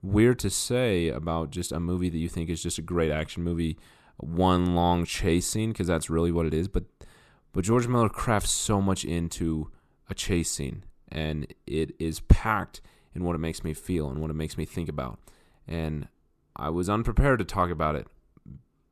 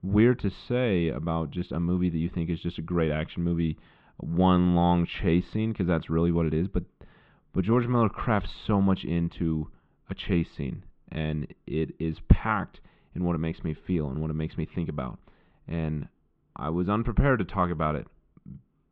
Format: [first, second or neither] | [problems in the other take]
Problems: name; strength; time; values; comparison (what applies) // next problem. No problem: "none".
first | muffled; very; fading above 3 kHz